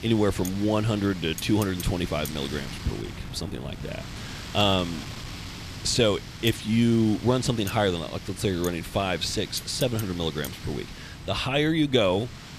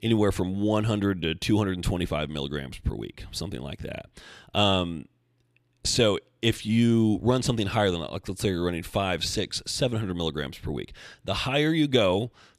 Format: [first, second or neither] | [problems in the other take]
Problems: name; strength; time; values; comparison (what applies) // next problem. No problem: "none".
second | wind noise on the microphone; occasional gusts; 15 dB below the speech